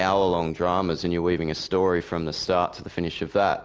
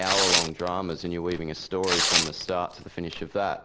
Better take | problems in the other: first | background sound (Tearing); as loud as the speech

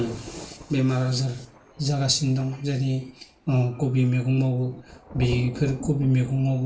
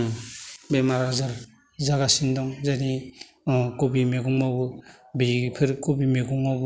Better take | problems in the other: second | background sound (Thunder); 17 dB below the speech // room echo; dies away in 0.2 s

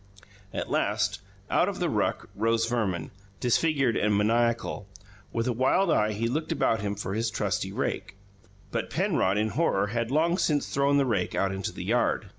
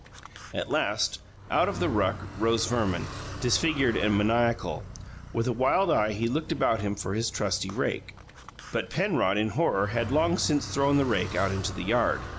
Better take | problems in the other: first | background sound (Car); 12 dB below the speech

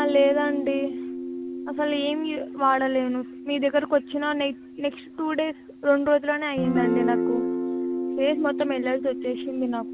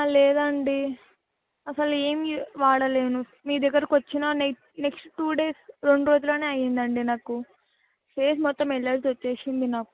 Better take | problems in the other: second | background sound (Guitar); 5 dB below the speech

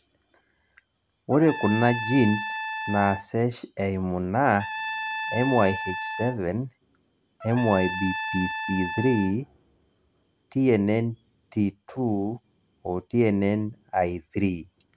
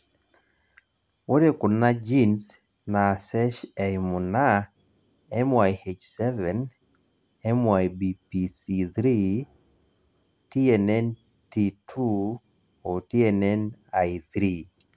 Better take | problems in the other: second | background sound (Trumpet); 7 dB below the speech

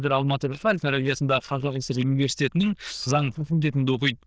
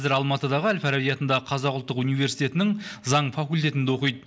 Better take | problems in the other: second | noise reduction (neural diffusion model UNIVERSE++)

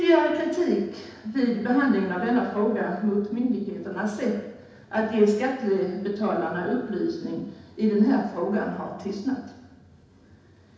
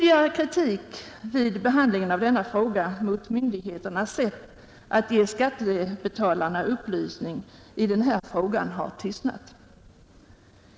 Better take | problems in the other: second | room echo; dies away in 0.8 s

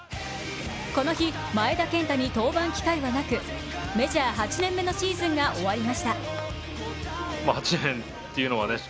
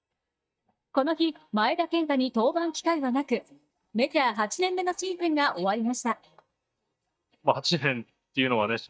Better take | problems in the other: first | noise reduction (neural mask model DeepFilterNet 3)

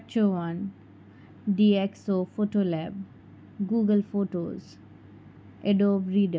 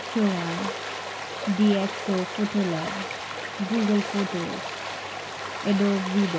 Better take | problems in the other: first | background sound (Stream); 6 dB below the speech

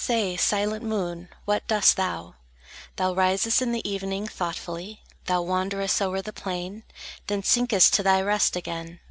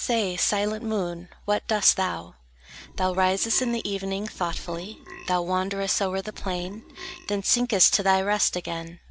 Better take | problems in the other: first | background sound (Burping, eructation); 13 dB below the speech

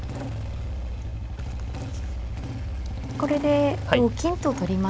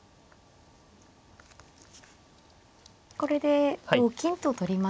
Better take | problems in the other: second | background sound (Engine starting / Motorcycle); 3 dB below the speech

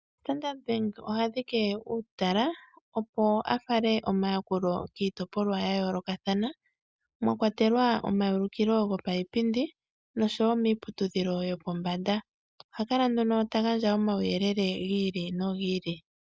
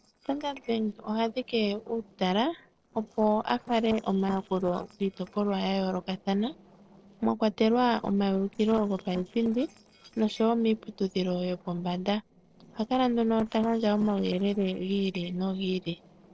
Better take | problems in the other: first | noise reduction (neural separator model SepFormer DNS4)

